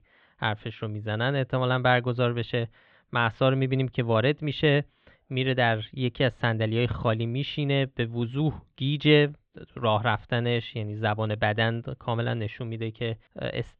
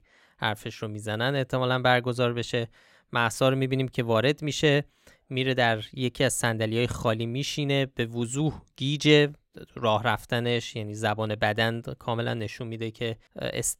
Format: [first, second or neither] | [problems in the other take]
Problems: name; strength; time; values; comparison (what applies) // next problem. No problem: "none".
second | muffled; very slightly; fading above 3.5 kHz